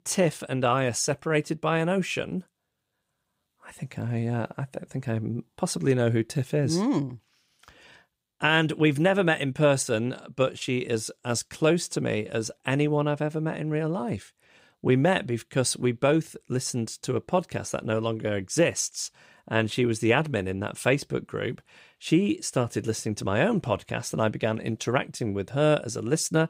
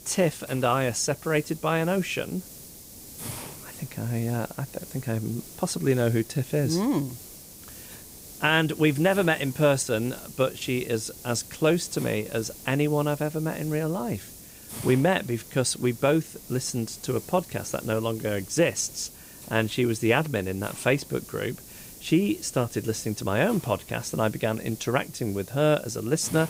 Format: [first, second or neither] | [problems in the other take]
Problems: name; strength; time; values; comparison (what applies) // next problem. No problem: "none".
first | hiss; noticeable; throughout; 15 dB below the speech